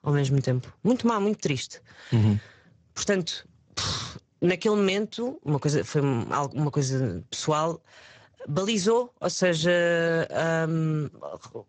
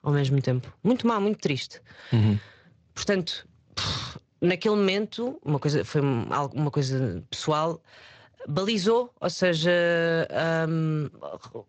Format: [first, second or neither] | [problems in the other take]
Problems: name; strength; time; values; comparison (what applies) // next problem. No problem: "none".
second | garbled, watery; badly; nothing above 7.5 kHz; slightly in the second